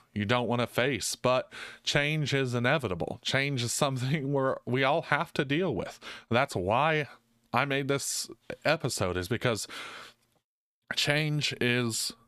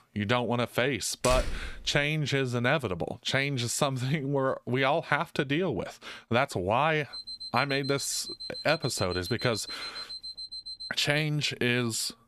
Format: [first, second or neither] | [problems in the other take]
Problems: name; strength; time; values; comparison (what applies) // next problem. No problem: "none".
first | door banging; noticeable; at 1 s; peak 4 dB below the speech // alarm; noticeable; from 7 to 11 s; peak 9 dB below the speech